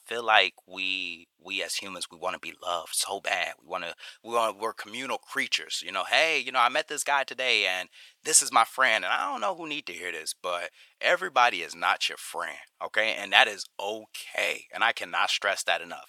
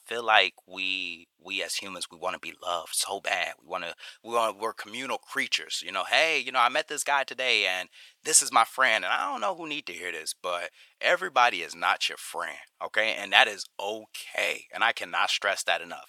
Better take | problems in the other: neither | thin; very; fading below 850 Hz; the same in both

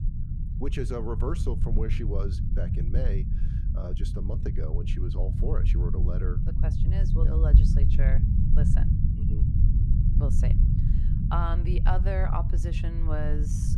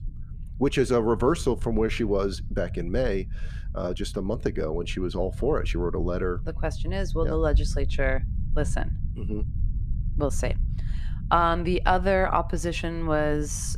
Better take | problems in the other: second | low rumble; loud; throughout; 4 dB below the speech; faint in the second

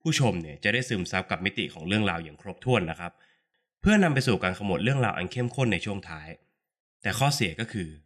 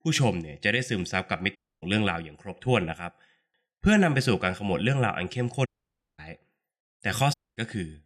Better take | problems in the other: first | audio cutting out; at 1.5 s, at 5.5 s for 0.5 s and at 7.5 s

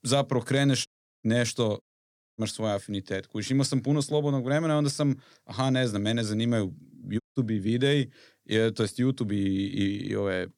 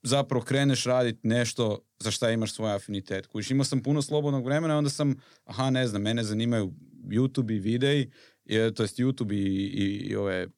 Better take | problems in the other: second | audio cutting out; at 1 s, at 2 s for 0.5 s and at 7 s

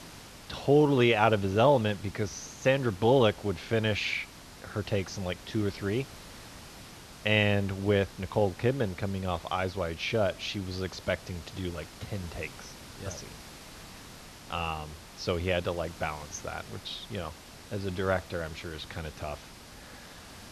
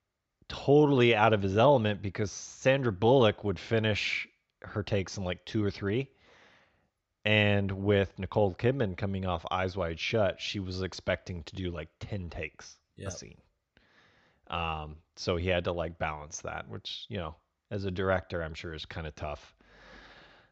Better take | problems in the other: second | hiss; noticeable; throughout; 15 dB below the speech

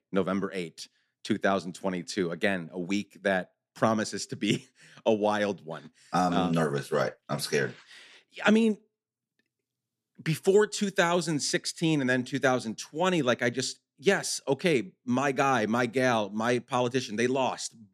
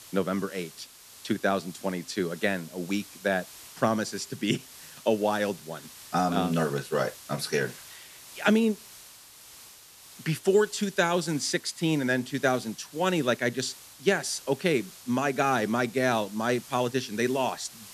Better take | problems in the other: first | hiss; noticeable; throughout; 20 dB below the speech

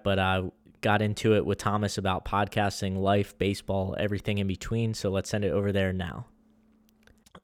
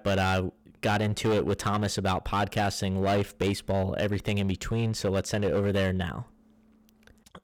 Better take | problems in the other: first | distortion; slight; 10% of the sound clipped

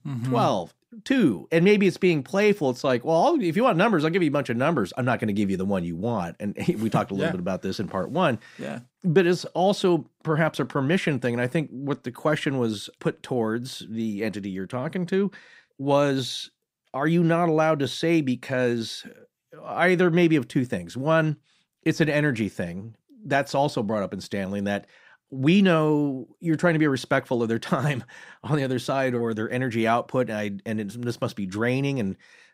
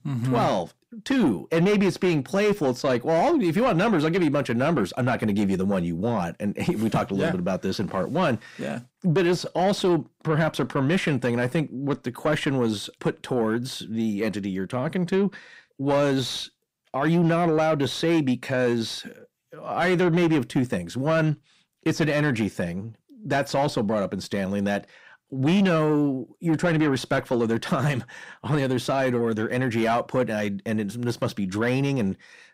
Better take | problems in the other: first | distortion; slight; 10 dB below the speech

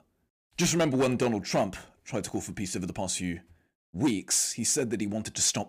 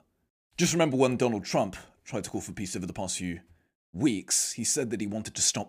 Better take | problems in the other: second | distortion; slight; 3% of the sound clipped

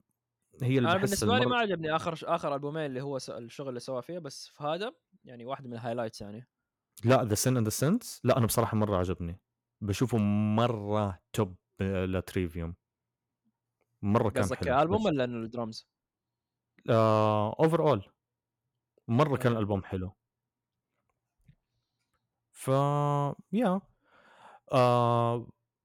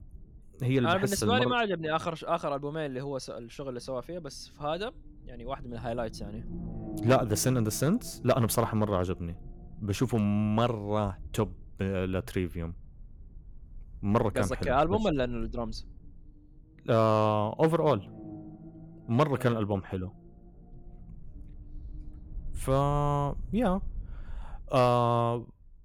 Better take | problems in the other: first | low rumble; faint; throughout; 25 dB below the speech

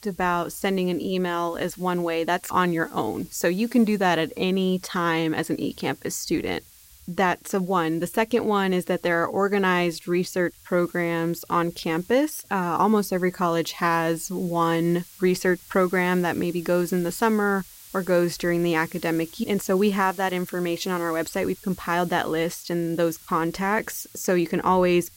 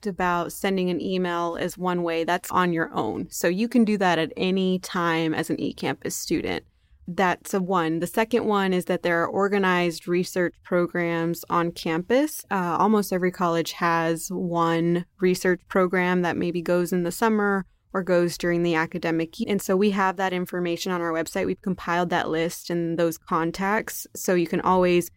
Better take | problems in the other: second | hiss; faint; throughout; 20 dB below the speech

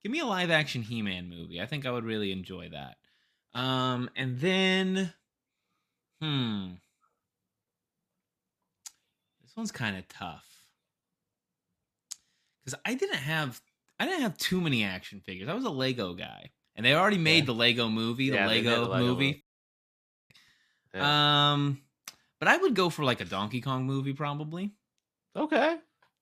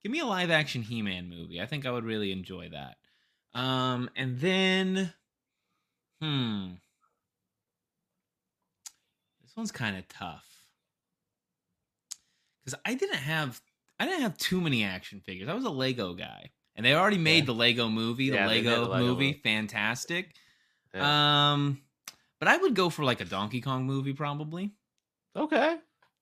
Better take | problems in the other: second | audio cutting out; at 19 s for 1 s

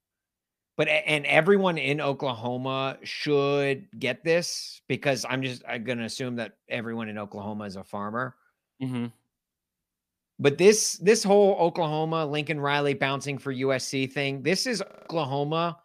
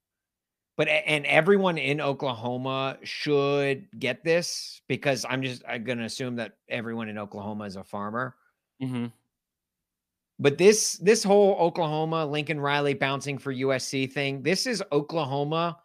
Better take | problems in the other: second | audio freezing; at 15 s

